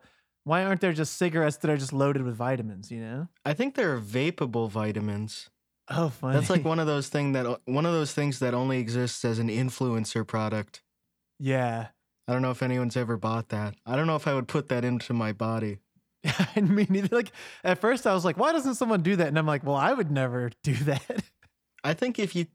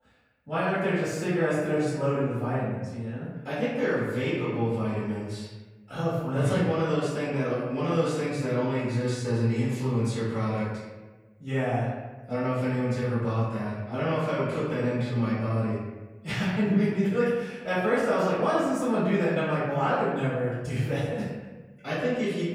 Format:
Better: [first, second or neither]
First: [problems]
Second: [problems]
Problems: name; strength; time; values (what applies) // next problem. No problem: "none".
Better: first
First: none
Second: off-mic speech; far // room echo; strong; dies away in 1.2 s